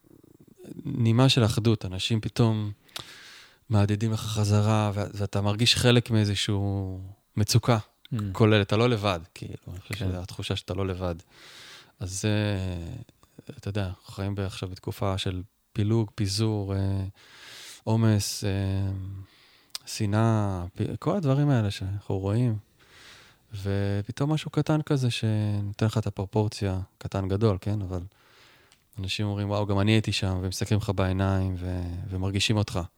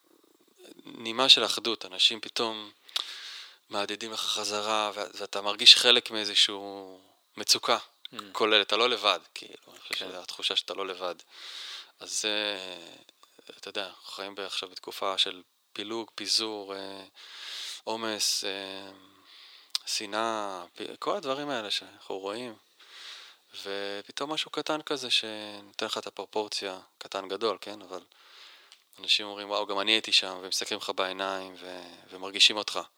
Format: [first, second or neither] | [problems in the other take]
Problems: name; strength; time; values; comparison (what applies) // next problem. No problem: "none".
first | thin; very; fading below 400 Hz